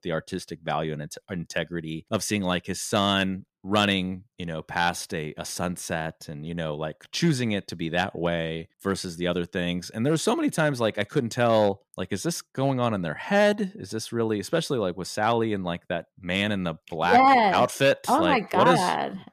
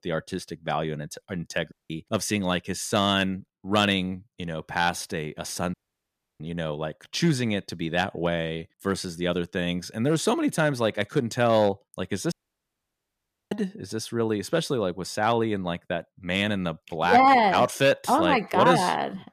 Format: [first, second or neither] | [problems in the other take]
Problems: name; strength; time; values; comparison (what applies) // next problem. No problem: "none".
first | audio cutting out; at 1.5 s, at 5.5 s for 0.5 s and at 12 s for 1 s